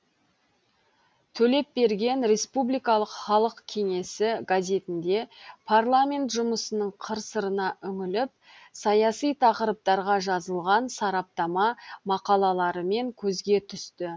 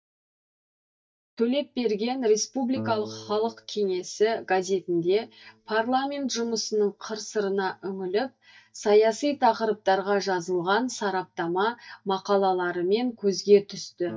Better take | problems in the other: first | noise reduction (neural mask model DeepFilterNet 3)

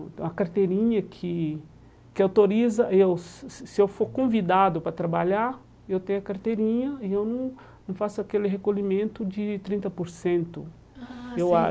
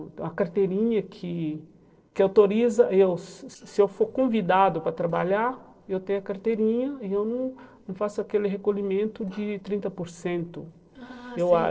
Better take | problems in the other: first | noise reduction (neural separator model SepFormer DNS4)

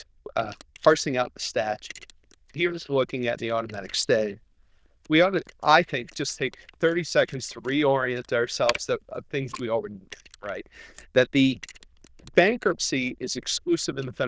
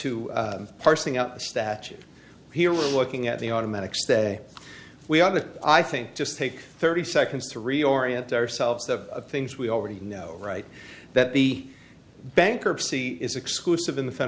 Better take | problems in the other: second | noise reduction (neural diffusion model UNIVERSE++)

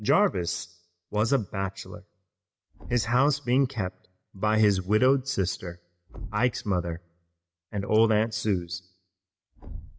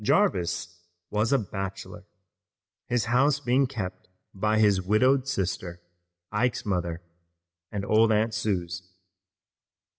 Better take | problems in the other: second | background sound (Thump, thud); 18 dB below the speech

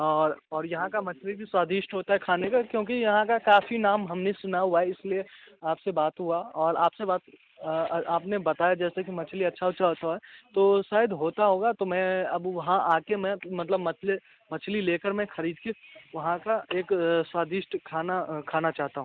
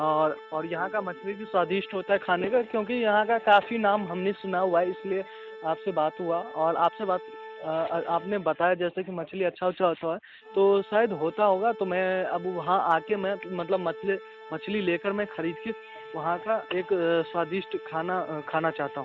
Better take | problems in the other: first | background sound (Organ); 16 dB below the speech

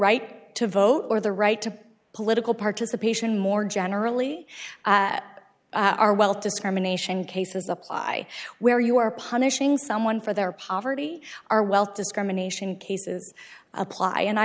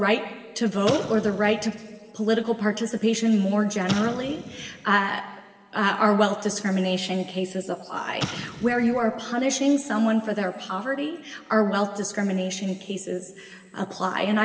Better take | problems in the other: first | background sound (Explosion); 13 dB below the speech // room echo; dies away in 3 s

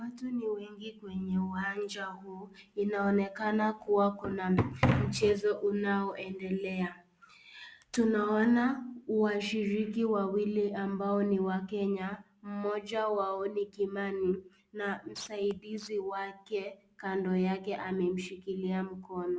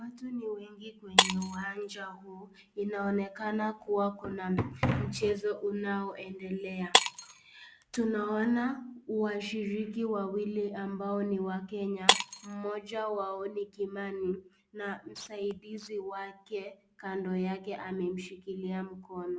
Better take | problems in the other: first | background sound (Shatter); as loud as the speech

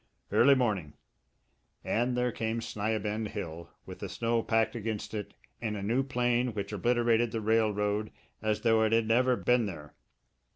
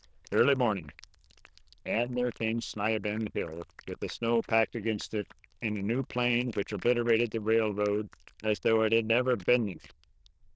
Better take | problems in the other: first | noise reduction (neural diffusion model UNIVERSE++)

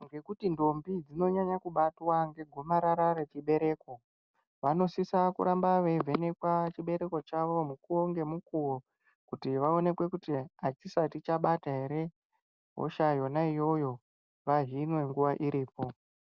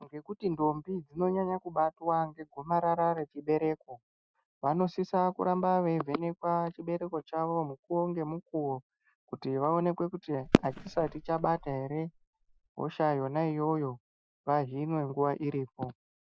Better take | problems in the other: first | noise reduction (classical method Wiener filter)

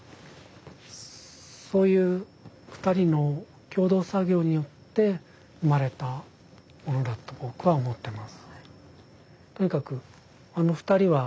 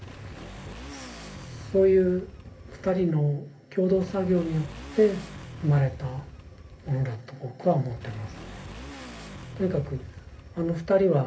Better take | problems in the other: first | background sound (Motorcycle / Accelerating, revving, vroom); 15 dB below the speech // room echo; dies away in 0.3 s

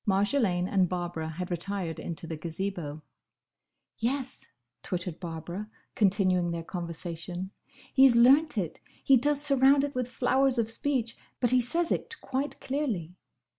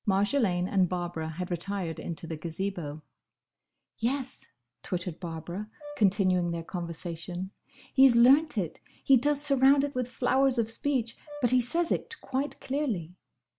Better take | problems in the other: first | background sound (Brass instrument); 19 dB below the speech

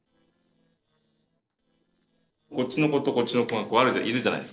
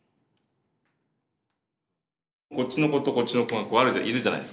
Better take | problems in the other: second | noise reduction (neural separator model SepFormer DNS4)

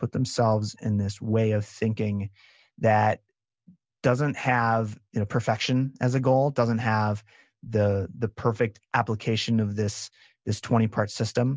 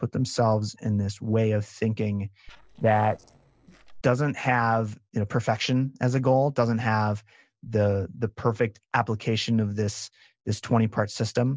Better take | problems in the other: first | noise reduction (neural separator model SepFormer DNS4)

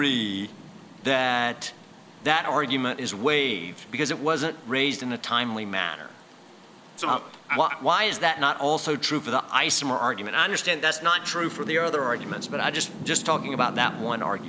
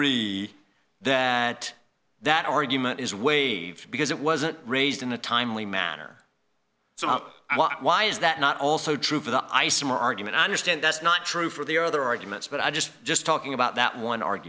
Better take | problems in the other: second | background sound (Rain); 16 dB below the speech

